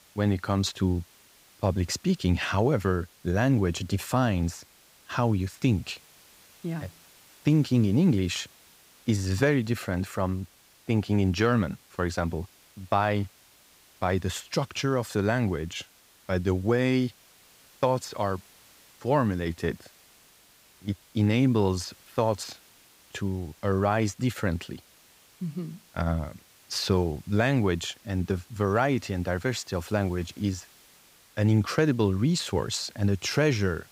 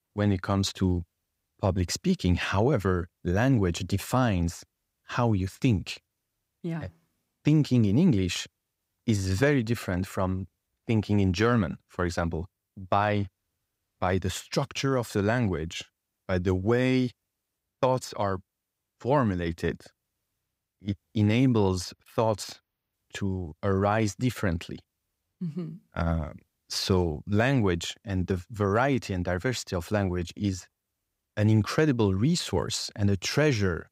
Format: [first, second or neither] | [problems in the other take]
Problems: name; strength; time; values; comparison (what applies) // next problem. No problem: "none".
second | hiss; faint; throughout; 25 dB below the speech